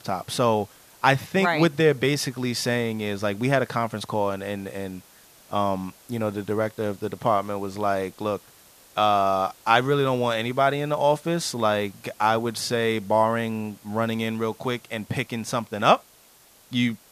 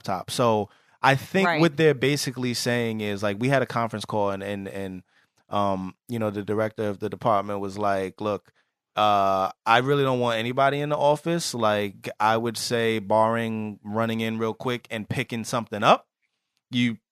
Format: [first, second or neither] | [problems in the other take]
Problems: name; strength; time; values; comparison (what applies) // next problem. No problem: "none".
second | hiss; faint; throughout; 25 dB below the speech